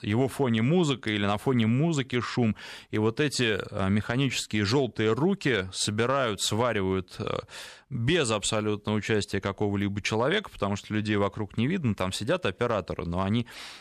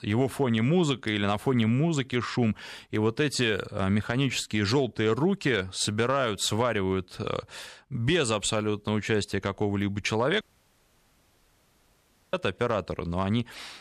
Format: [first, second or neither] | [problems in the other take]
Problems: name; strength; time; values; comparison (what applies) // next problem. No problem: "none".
first | audio cutting out; at 10 s for 2 s